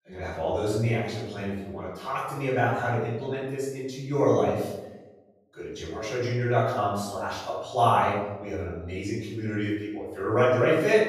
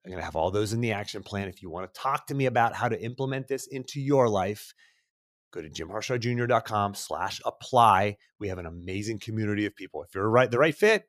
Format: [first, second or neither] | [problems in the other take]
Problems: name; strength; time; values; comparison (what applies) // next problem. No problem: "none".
second | room echo; noticeable; dies away in 0.9 s // off-mic speech; far